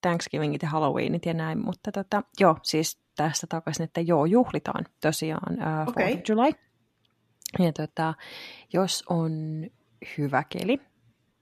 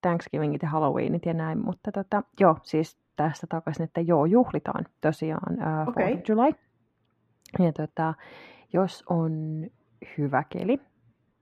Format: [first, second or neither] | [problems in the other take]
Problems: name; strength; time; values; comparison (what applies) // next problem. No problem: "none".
first | muffled; very; fading above 3 kHz